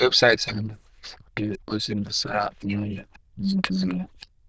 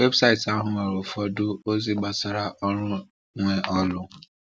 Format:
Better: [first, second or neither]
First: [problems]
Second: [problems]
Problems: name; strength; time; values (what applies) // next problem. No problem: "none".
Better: second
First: noise reduction (neural diffusion model UNIVERSE++)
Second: none